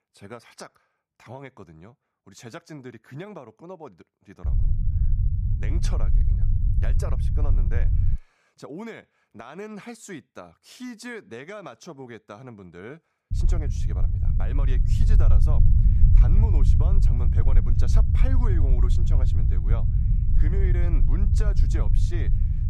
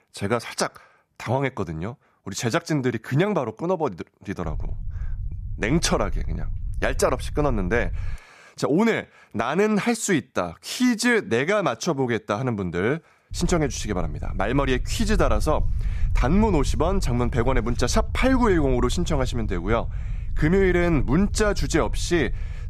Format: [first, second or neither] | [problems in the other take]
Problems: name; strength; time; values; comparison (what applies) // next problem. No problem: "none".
second | low rumble; loud; from 4.5 to 8 s and from 13 s on; as loud as the speech; faint in the second